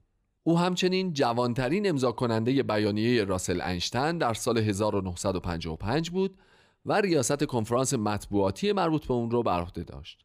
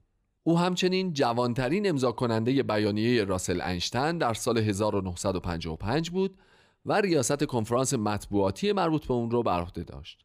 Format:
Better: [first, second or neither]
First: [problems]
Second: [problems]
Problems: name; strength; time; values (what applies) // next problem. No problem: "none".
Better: neither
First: none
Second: none